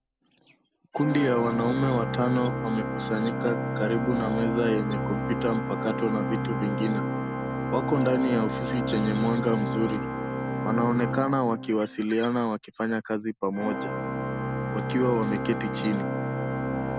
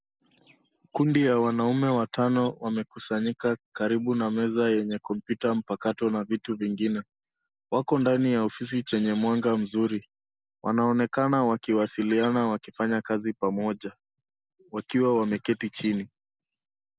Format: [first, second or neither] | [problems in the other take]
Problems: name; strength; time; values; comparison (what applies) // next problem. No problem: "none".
second | background sound (Organ); 2 dB below the speech